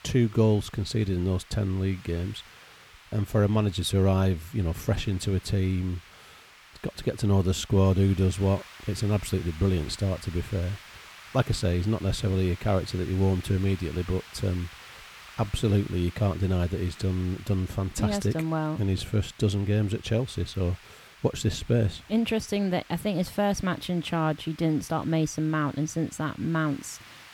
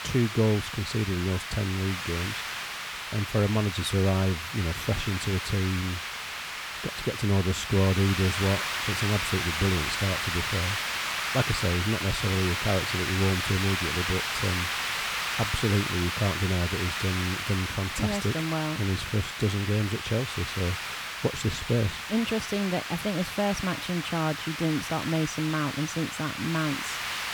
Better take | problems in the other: first | hiss; loud; throughout; 2 dB below the speech; faint in the first

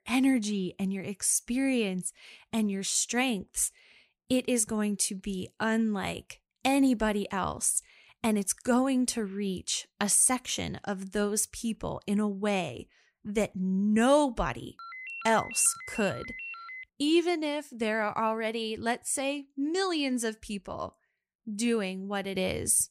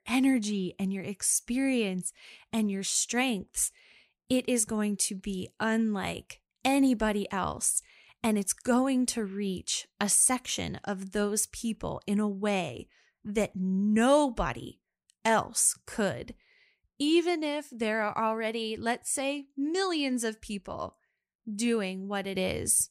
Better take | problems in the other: second | phone ringing; noticeable; from 15 to 17 s; peak 10 dB below the speech

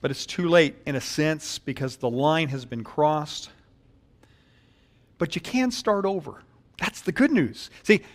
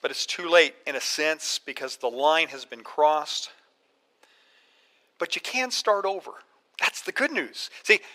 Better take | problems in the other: first | thin; very; fading below 500 Hz

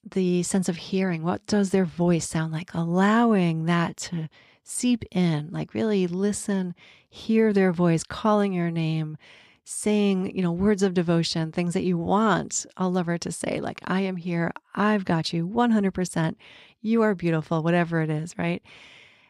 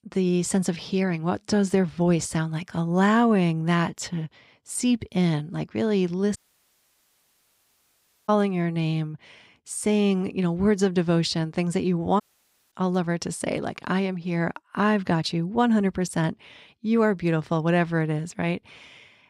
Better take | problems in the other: first | audio cutting out; at 6.5 s for 2 s and at 12 s for 0.5 s

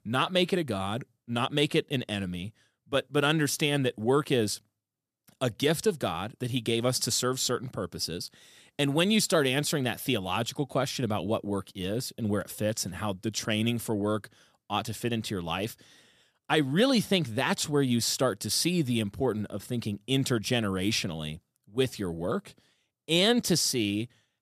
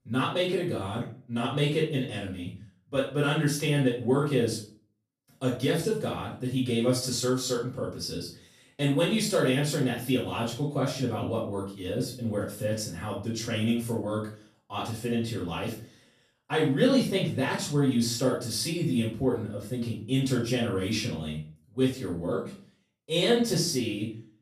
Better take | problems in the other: first | off-mic speech; far // room echo; noticeable; dies away in 0.4 s

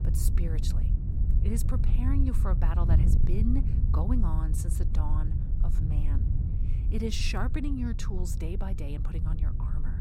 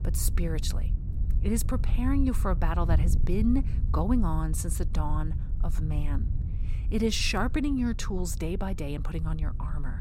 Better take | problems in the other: second | wind noise on the microphone; heavy; 5 dB below the speech; occasional gusts in the second

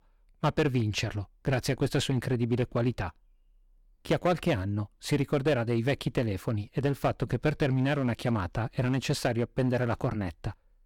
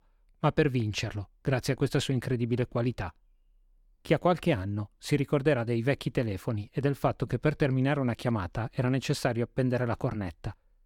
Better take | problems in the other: second | distortion; slight; 5% of the sound clipped

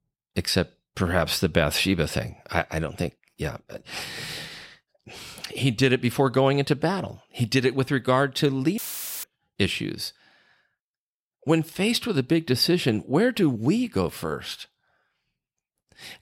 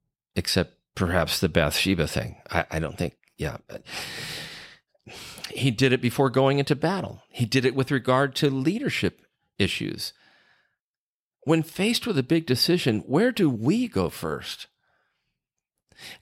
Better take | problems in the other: second | audio cutting out; filled with static; at 9 s

